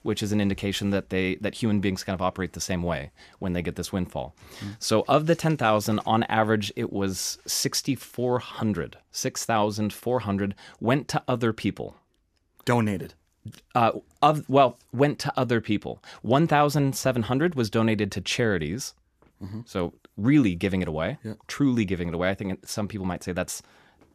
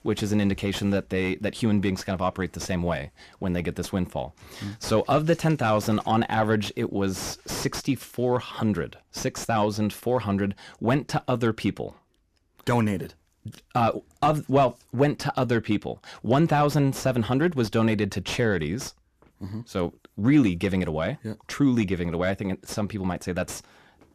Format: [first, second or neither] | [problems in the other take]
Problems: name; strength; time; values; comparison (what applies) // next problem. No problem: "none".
first | distortion; slight; 10 dB below the speech